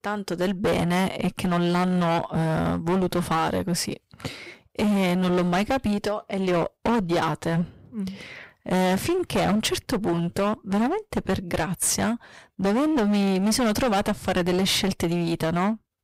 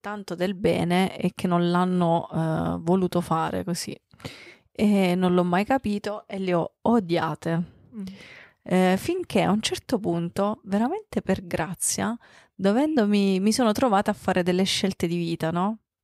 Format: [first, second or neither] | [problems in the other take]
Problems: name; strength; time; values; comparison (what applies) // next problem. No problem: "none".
second | distortion; heavy; 21% of the sound clipped